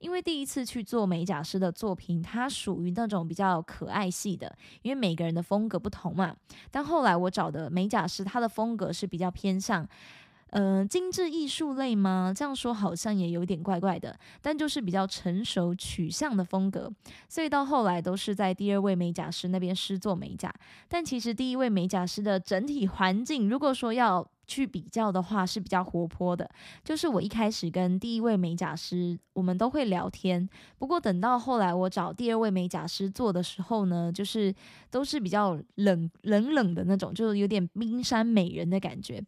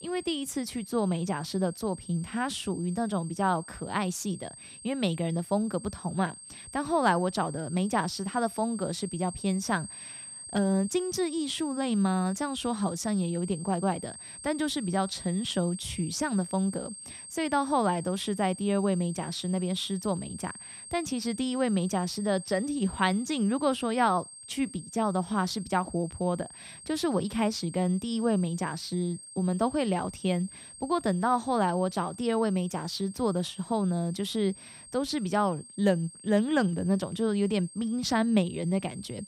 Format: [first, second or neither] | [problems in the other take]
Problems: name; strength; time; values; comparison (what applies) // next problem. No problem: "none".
first | high-pitched whine; noticeable; throughout; 8.5 kHz, 15 dB below the speech